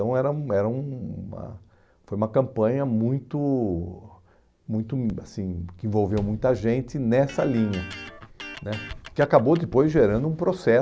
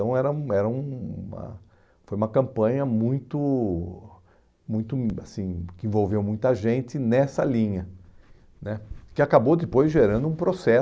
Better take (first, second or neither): second